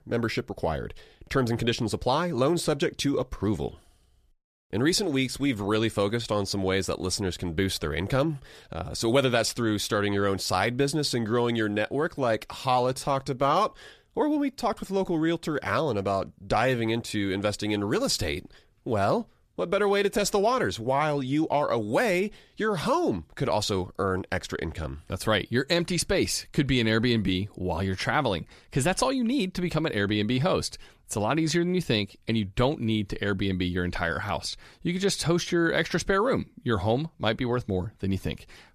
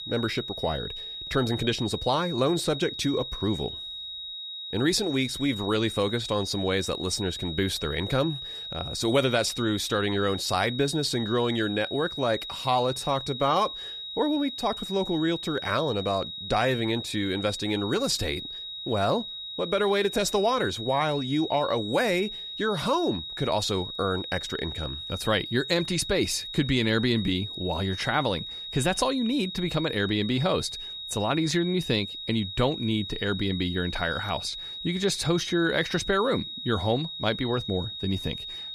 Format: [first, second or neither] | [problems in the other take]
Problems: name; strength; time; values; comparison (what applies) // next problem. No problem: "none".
first | high-pitched whine; loud; throughout; 4 kHz, 7 dB below the speech